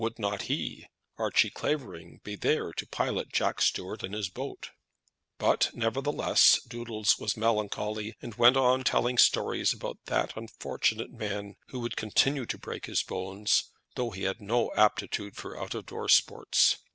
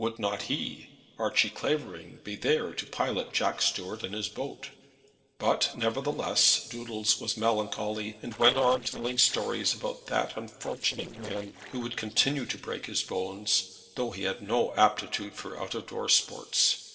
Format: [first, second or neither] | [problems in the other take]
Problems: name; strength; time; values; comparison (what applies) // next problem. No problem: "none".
first | noise reduction (neural separator model SepFormer DNS4)